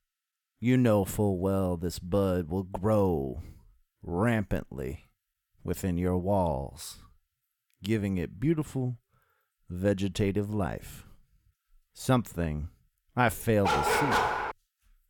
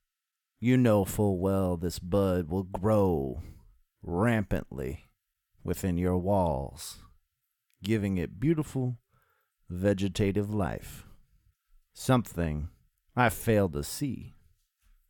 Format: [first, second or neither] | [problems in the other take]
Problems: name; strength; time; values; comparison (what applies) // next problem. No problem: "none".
second | dog barking; loud; at 14 s; peak 4 dB above the speech